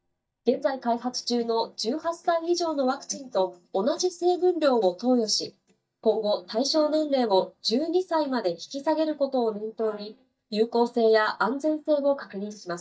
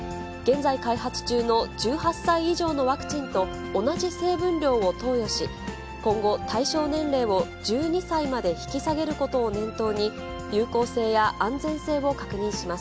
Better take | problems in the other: second | noise reduction (neural mask model DeepFilterNet 3)

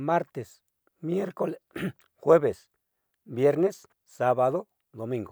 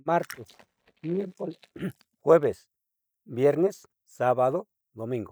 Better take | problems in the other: first | noise reduction (neural mask model DeepFilterNet 3)

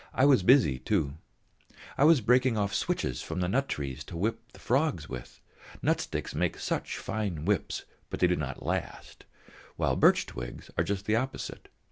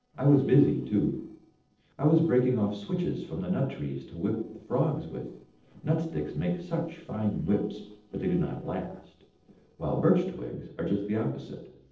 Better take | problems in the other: first | noise reduction (neural separator model SepFormer DNS4)

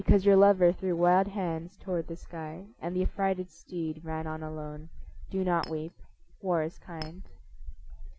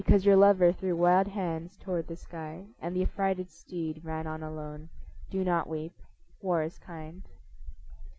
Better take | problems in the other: second | background sound (Chink, clink); 19 dB below the speech

